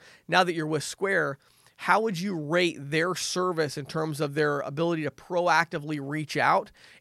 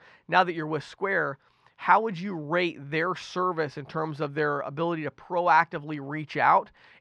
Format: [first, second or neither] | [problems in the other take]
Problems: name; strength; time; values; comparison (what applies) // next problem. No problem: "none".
first | muffled; slightly; fading above 3 kHz